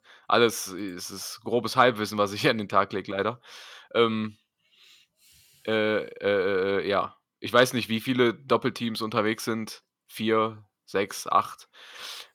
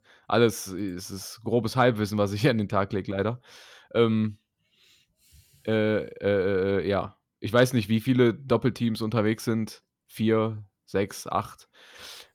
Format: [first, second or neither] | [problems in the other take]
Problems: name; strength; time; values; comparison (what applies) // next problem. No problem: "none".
second | thin; very slightly; fading below 800 Hz